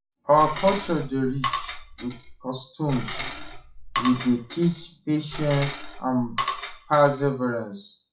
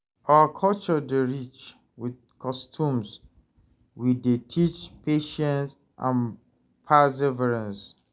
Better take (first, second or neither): second